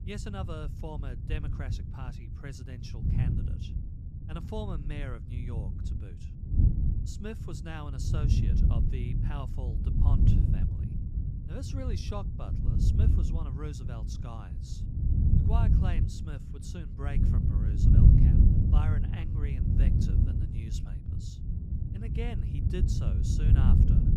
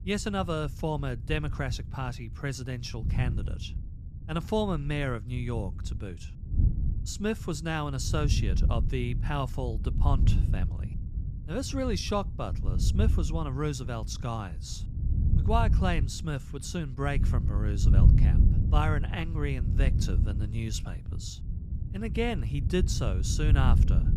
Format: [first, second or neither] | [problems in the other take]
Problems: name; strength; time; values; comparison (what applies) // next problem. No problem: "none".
second | wind noise on the microphone; heavy; 2 dB above the speech; occasional gusts in the second